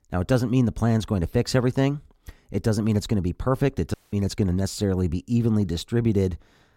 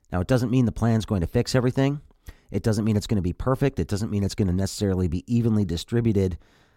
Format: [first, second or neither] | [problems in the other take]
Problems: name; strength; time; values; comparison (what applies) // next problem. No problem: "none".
second | audio cutting out; at 4 s